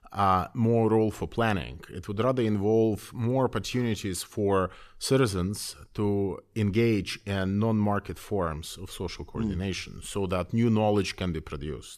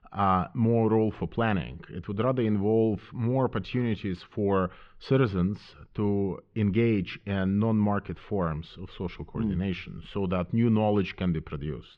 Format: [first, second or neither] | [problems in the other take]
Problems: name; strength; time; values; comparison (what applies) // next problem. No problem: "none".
first | muffled; slightly; fading above 3.5 kHz